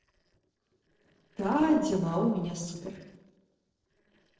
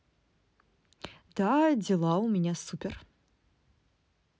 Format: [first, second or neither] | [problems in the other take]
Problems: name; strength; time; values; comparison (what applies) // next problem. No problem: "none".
second | noise reduction (neural separator model SepFormer DNS4)